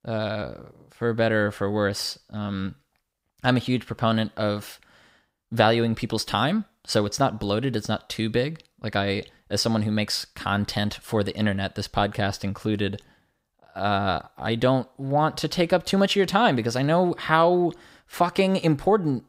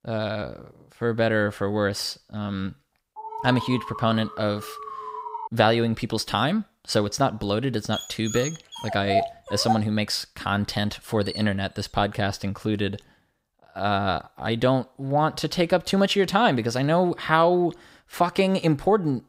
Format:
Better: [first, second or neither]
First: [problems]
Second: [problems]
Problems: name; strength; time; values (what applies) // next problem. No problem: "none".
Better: first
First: none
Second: alarm; noticeable; from 3 to 5.5 s; peak 9 dB below the speech // dog barking; noticeable; from 8 to 11 s; peak 1 dB below the speech